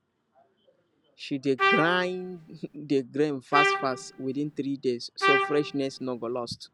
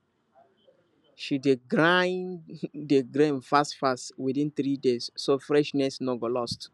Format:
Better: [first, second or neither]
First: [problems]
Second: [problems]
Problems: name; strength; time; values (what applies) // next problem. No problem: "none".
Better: second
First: background sound (Trumpet); 1 dB above the speech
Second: none